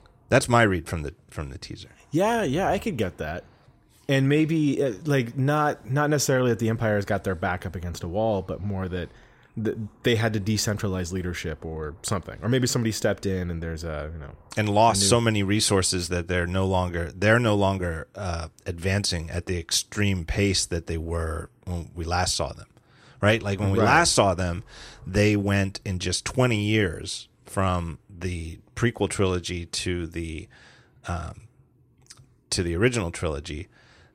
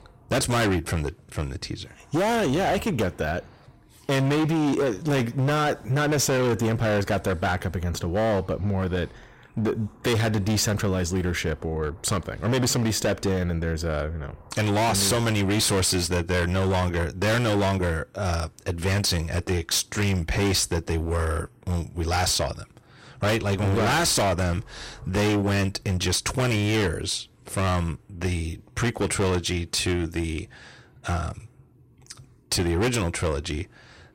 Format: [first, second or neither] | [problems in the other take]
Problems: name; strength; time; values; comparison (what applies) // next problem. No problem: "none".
first | distortion; heavy; 20% of the sound clipped